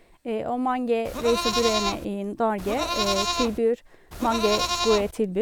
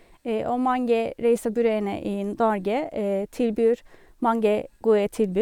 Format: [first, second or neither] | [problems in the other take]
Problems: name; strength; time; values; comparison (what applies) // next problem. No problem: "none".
second | background sound (Livestock, farm animals, working animals); 2 dB below the speech